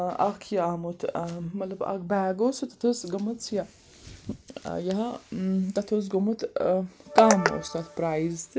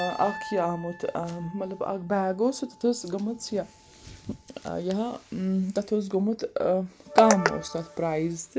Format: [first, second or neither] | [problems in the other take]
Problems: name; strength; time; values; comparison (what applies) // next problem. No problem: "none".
first | background sound (Piano); 19 dB below the speech